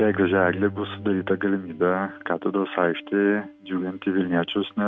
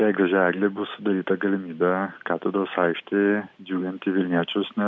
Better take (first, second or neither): second